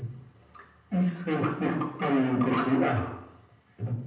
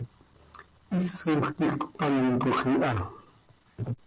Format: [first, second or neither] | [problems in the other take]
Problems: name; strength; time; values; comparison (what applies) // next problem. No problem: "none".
second | room echo; dies away in 0.7 s